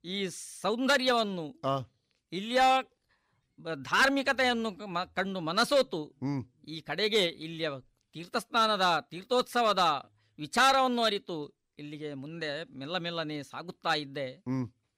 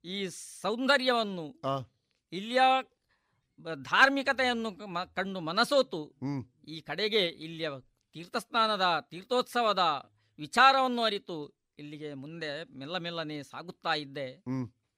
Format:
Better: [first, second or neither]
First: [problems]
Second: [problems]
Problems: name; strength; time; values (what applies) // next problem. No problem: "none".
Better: second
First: distortion; slight; 2% of the sound clipped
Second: none